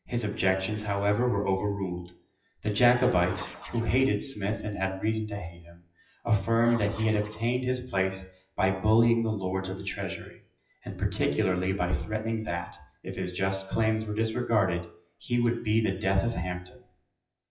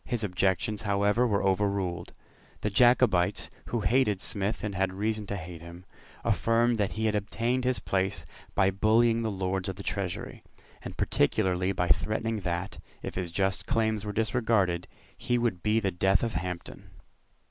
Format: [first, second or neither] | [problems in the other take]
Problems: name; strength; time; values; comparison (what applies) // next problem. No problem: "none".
second | noise reduction (classical method WPE with log-MMSE)